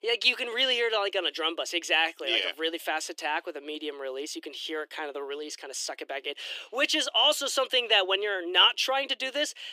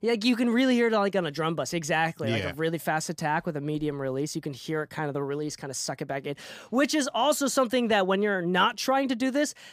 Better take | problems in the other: second | thin; very; fading below 350 Hz

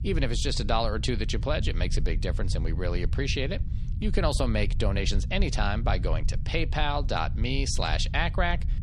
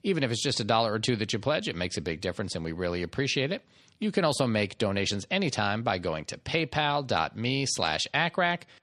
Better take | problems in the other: second | low rumble; noticeable; throughout; 15 dB below the speech

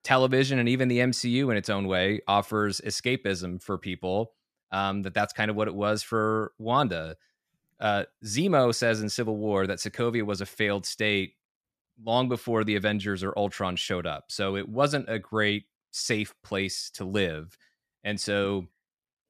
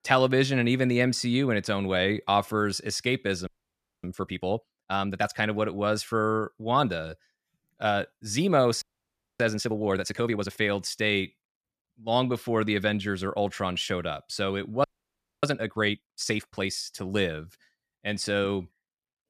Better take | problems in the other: first | audio freezing; at 3.5 s for 0.5 s, at 9 s for 0.5 s and at 15 s for 0.5 s

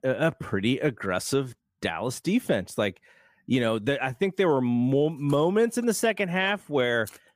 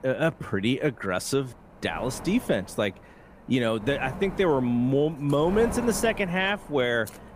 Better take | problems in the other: first | wind noise on the microphone; occasional gusts; 15 dB below the speech

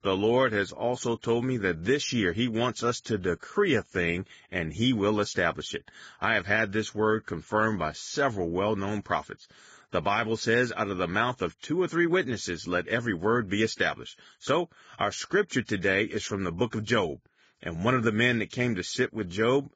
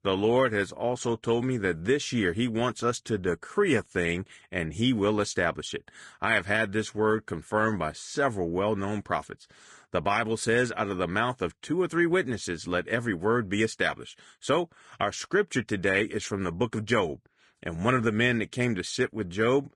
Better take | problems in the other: second | garbled, watery; badly; nothing above 7.5 kHz; slightly in the second

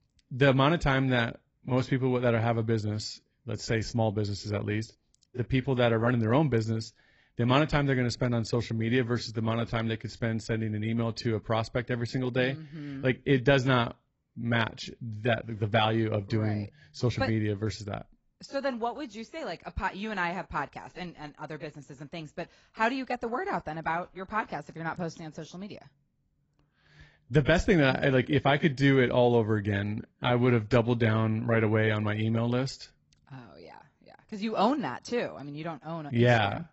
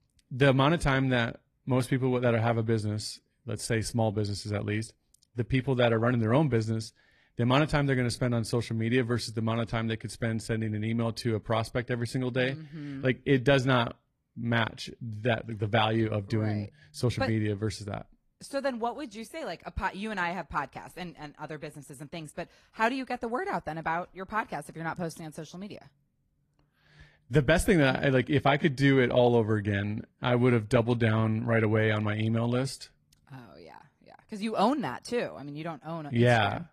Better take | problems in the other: second | garbled, watery; badly; nothing above 8 kHz; slightly in the second

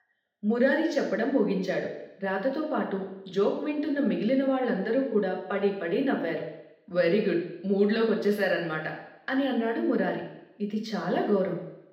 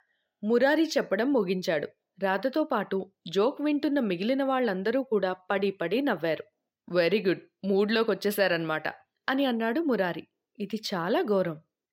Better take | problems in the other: second | room echo; noticeable; dies away in 0.8 s // off-mic speech; far

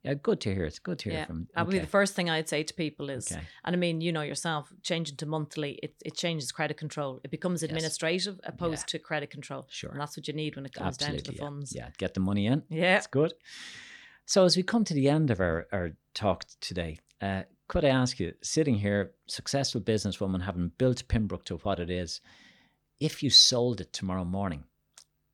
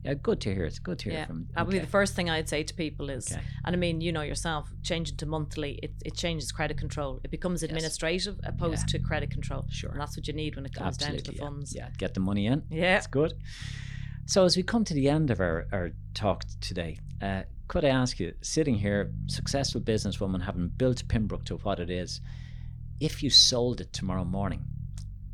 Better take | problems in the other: first | low rumble; faint; throughout; 20 dB below the speech

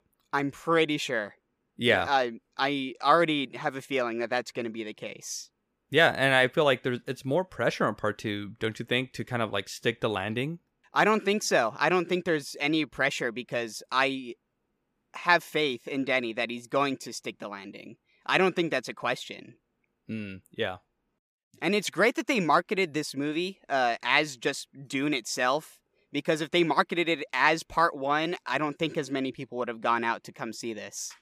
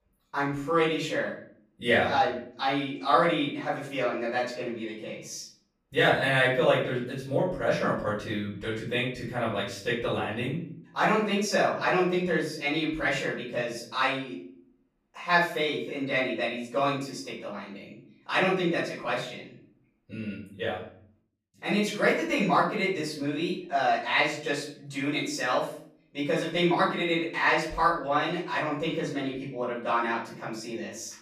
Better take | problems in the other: first | off-mic speech; far // room echo; noticeable; dies away in 0.5 s

